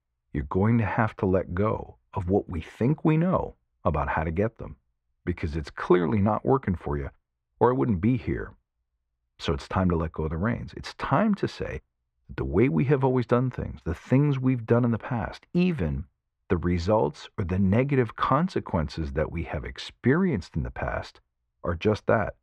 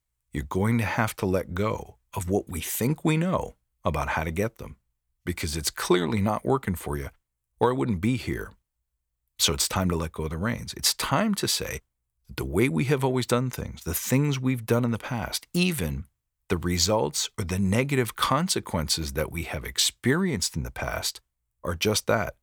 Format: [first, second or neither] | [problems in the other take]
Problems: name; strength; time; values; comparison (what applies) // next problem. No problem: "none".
second | muffled; very; fading above 1.5 kHz